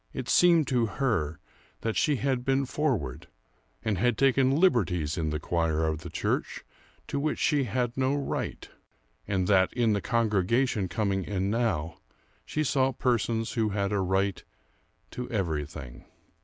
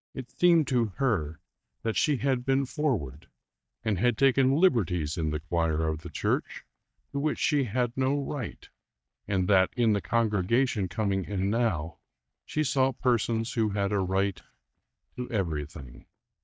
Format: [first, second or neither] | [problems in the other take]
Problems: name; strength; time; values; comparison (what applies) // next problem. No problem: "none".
first | noise reduction (neural mask model DeepFilterNet 3)